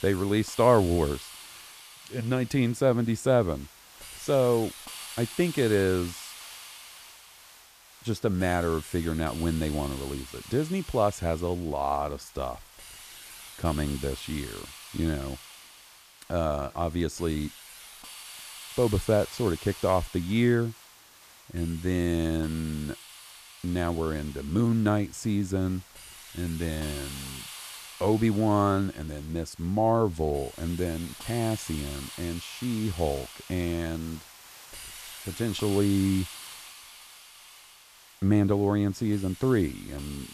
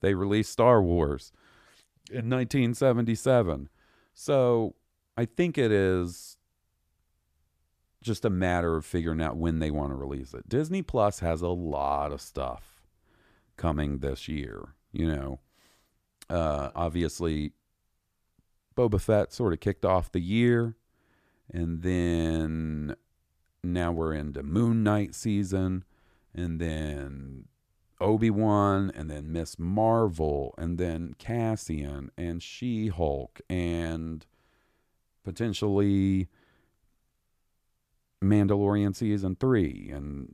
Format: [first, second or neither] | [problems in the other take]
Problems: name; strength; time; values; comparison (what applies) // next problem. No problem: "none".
second | hiss; noticeable; throughout; 15 dB below the speech